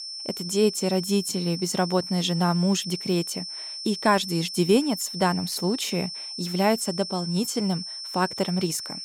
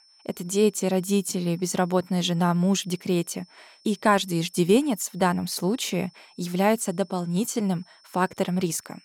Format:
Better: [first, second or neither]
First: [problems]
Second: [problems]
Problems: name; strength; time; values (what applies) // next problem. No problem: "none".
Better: second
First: high-pitched whine; loud; throughout; 5.5 kHz, 7 dB below the speech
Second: high-pitched whine; faint; throughout; 5.5 kHz, 30 dB below the speech